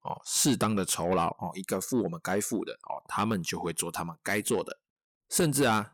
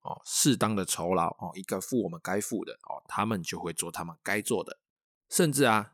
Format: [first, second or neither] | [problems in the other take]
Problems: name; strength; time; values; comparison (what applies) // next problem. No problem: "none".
second | distortion; slight; 10 dB below the speech